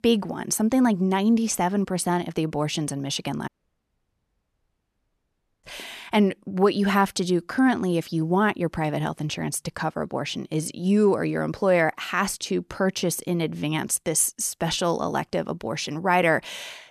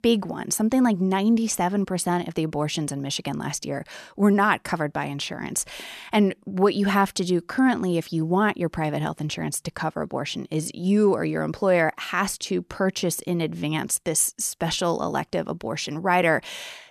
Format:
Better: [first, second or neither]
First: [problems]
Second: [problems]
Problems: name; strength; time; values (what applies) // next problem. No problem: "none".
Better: second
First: audio cutting out; at 3.5 s for 2 s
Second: none